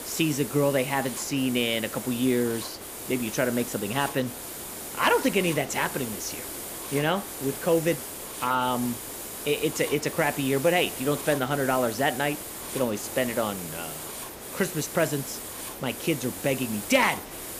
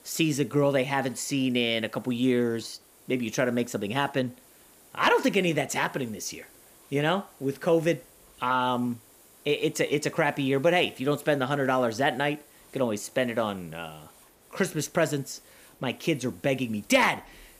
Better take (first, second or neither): second